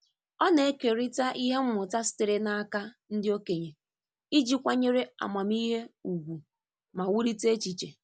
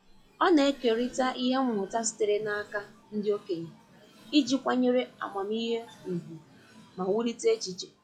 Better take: first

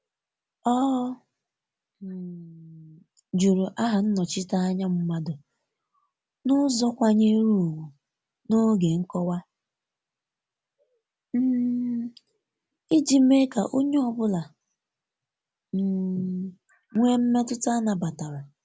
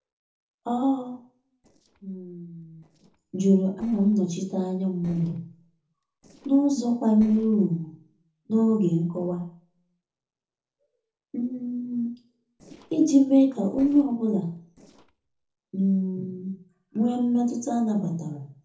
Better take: first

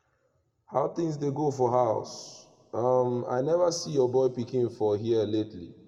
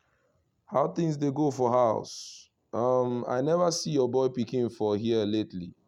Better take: second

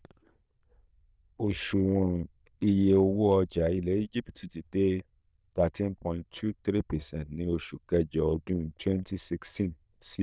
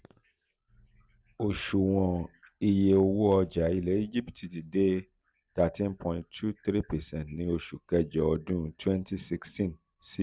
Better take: second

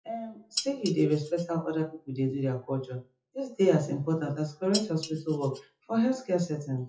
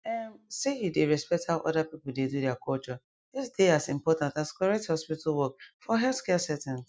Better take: second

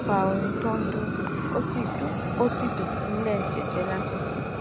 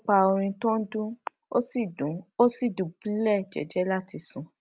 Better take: second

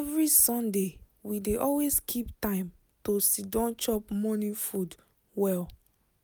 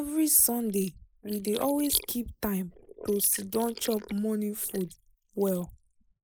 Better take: first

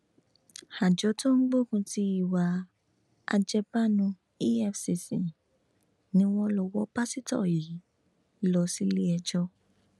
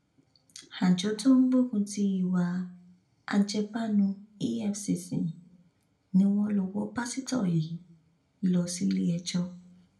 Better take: first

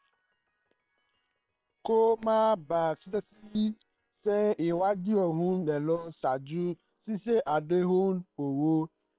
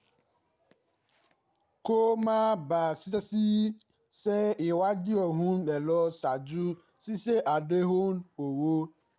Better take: second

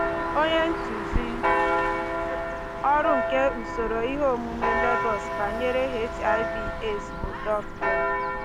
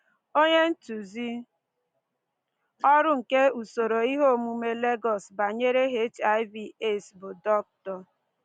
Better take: second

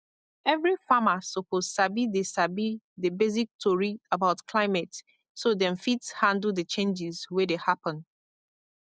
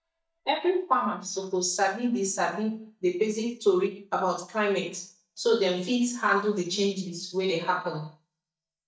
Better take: first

